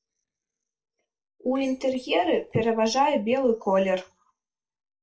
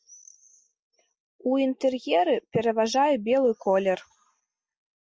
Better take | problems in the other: second | noise reduction (neural separator model SepFormer DNS4)

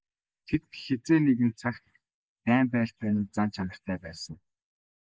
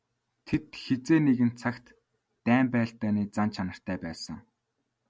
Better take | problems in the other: second | noise reduction (neural mask model Resemble Enhance denoiser)

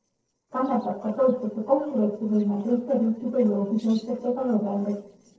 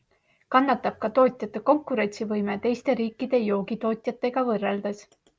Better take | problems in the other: second | noise reduction (neural separator model SepFormer DNS4)

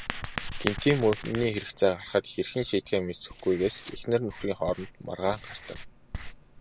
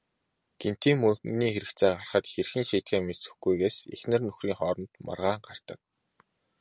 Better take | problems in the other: second | background sound (Writing); 11 dB below the speech

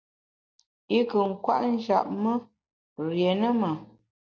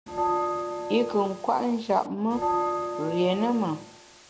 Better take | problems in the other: first | background sound (Bell); 3 dB below the speech

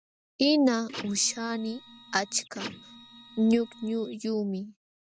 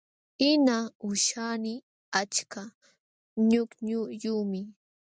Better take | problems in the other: second | background sound (Printer); 16 dB below the speech

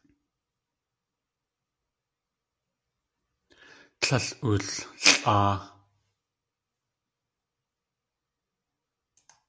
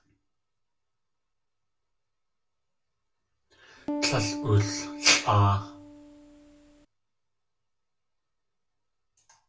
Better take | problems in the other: first | background sound (Piano); 5 dB below the speech // room echo; dies away in 0.2 s

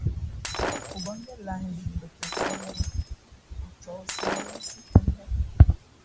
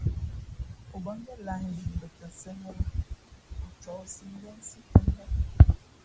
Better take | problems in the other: second | background sound (Shatter); 8 dB below the speech

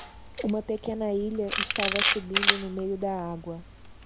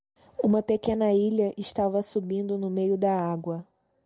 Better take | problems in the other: second | background sound (Camera); as loud as the speech

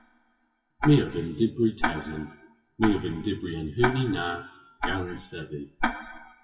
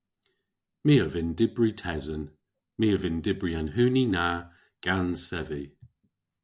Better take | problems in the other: second | noise reduction (classical method WPE with log-MMSE)

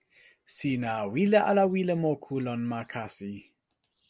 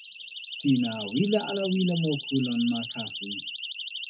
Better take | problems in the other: first | noise reduction (classical method WPE with log-MMSE)

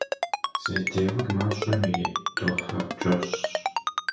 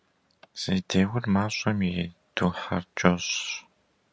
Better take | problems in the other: second | background sound (Ringtone); 2 dB below the speech // room echo; dies away in 0.6 s

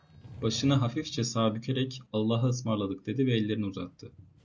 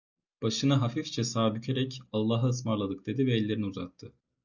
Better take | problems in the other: second | background sound (Sliding door); 20 dB below the speech

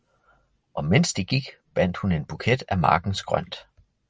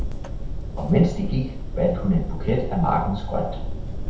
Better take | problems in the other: first | background sound (Fire); 3 dB below the speech // room echo; dies away in 0.8 s

